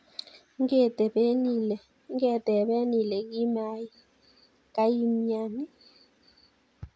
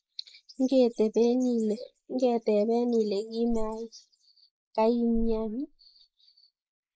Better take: first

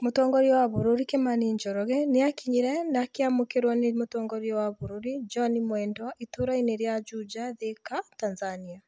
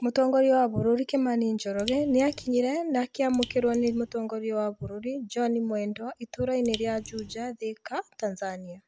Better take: first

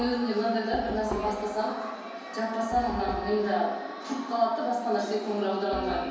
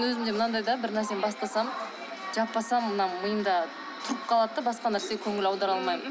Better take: second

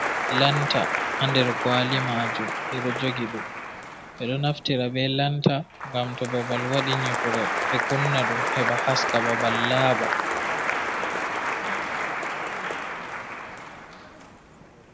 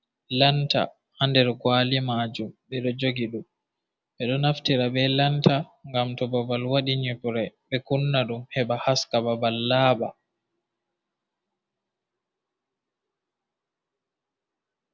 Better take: second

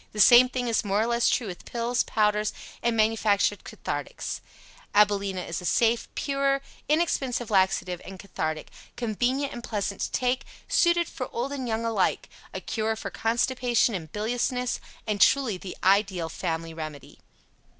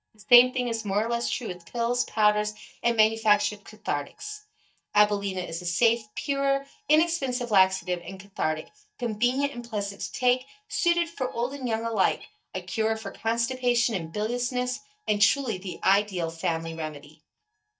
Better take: first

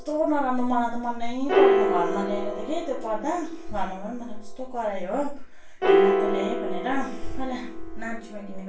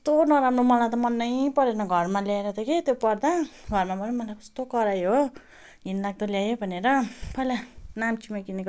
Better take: second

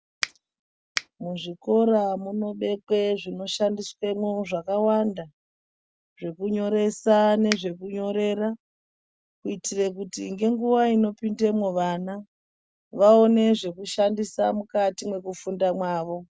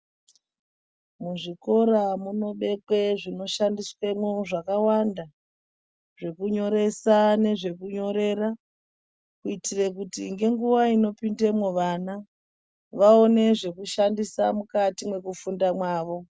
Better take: second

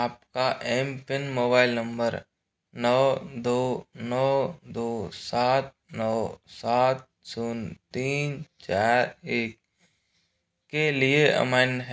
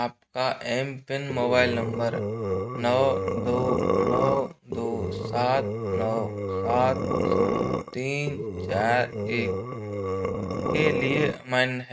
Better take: first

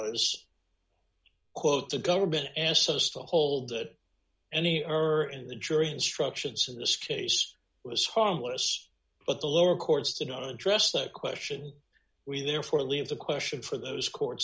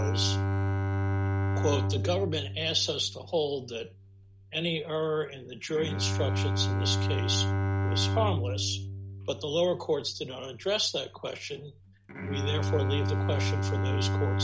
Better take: first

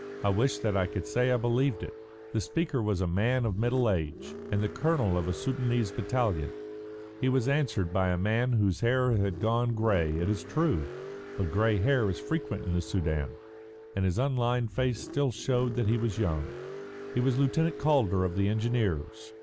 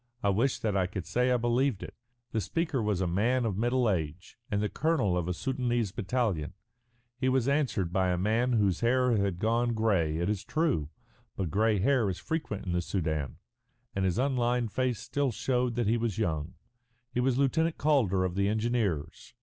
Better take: second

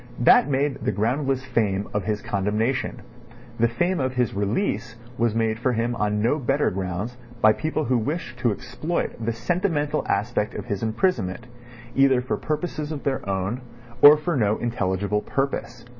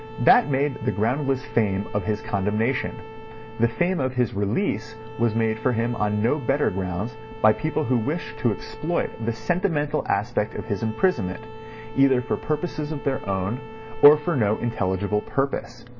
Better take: first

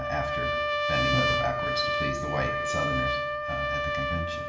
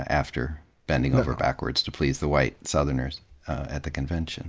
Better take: second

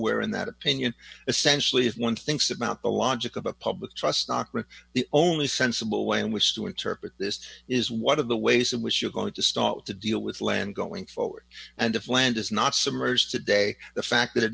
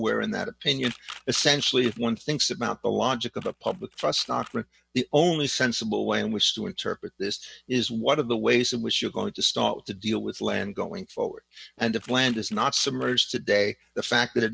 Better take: first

